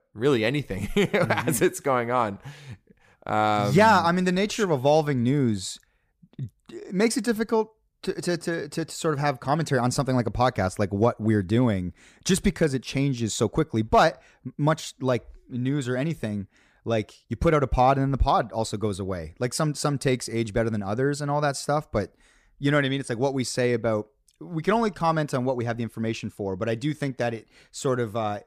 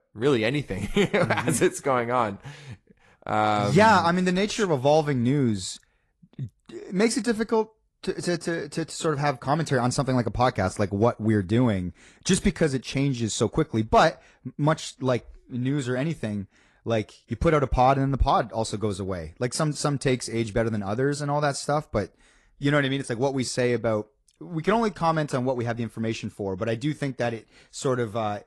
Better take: first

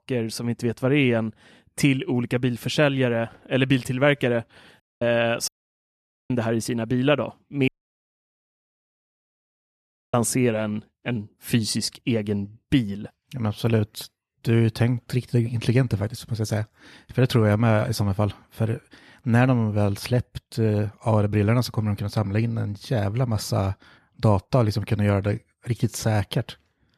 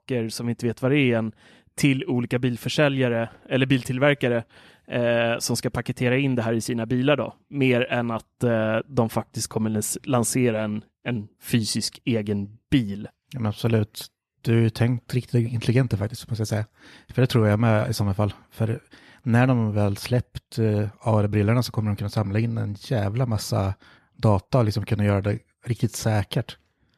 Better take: second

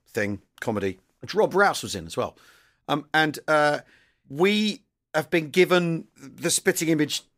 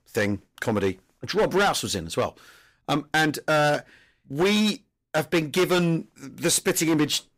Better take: first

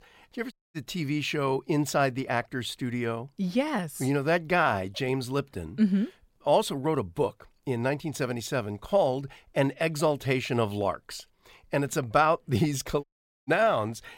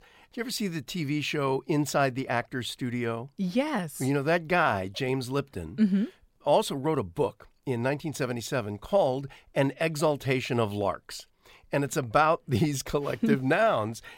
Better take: second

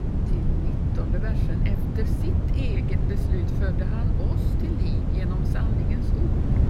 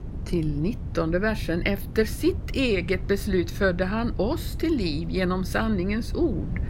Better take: second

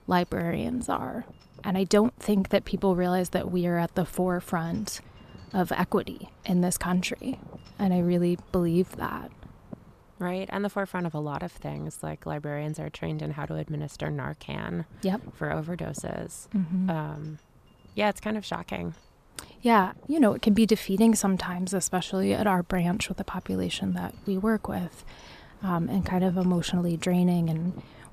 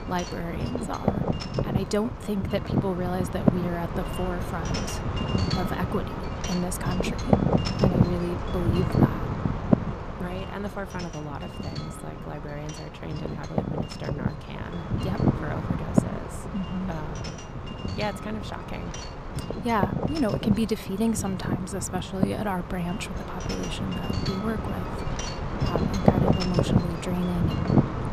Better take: first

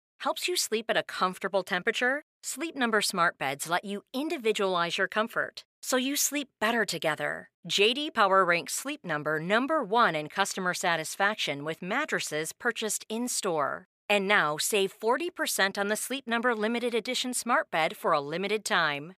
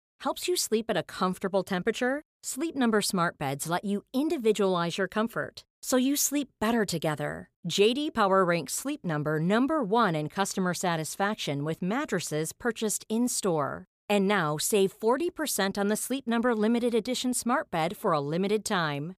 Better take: second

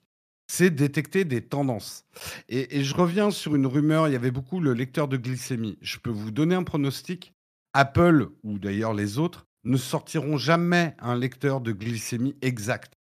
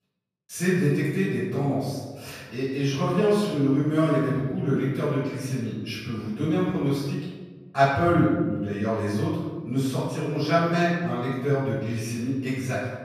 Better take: first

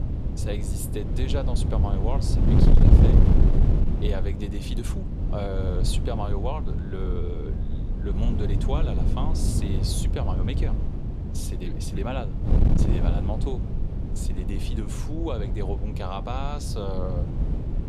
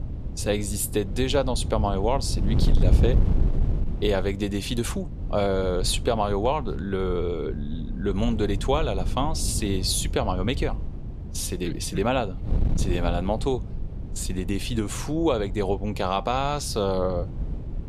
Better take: second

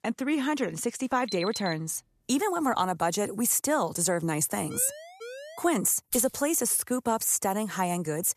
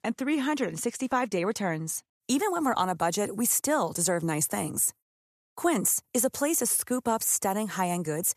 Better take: second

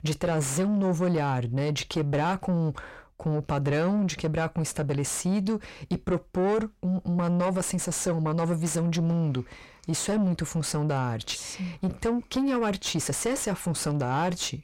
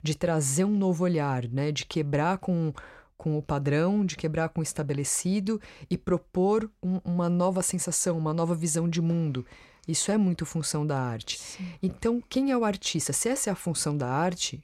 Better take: second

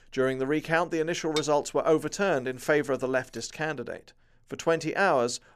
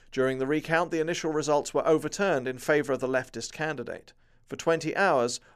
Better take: second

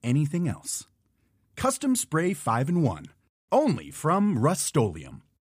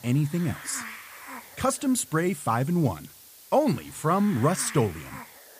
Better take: first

